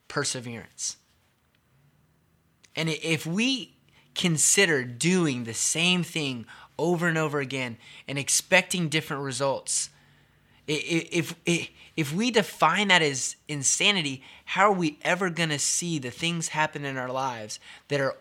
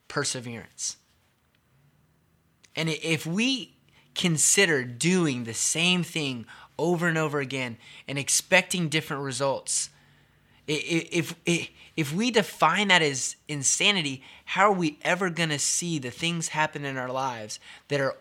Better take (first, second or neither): neither